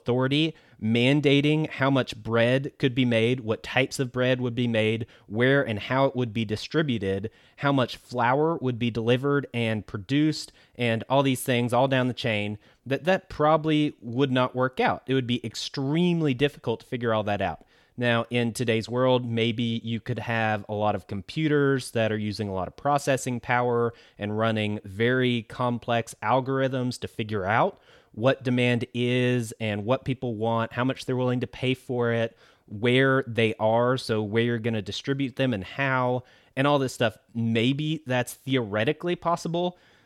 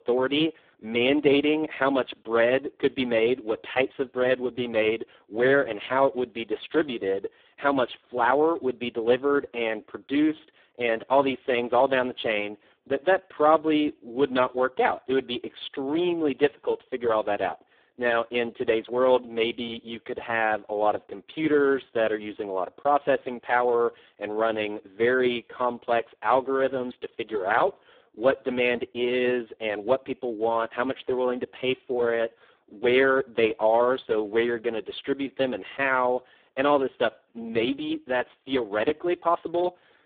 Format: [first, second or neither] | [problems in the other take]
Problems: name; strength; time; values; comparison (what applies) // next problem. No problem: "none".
first | phone-call audio; poor line